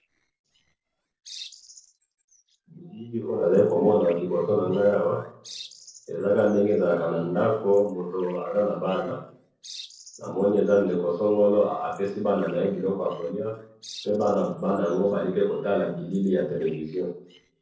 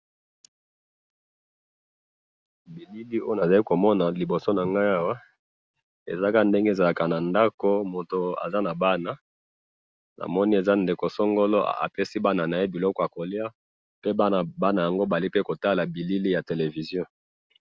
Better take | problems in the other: second | noise reduction (neural separator model SepFormer DNS4)

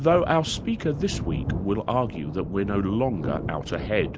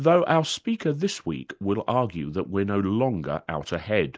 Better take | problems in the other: second | background sound (Thunder); 7 dB below the speech

